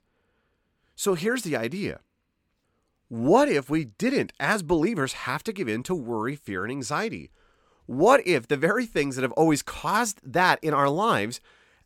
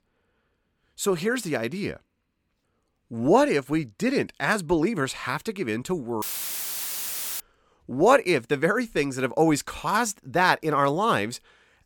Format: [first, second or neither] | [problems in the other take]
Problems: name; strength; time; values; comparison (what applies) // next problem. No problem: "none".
first | audio cutting out; filled with static; at 6 s for 1 s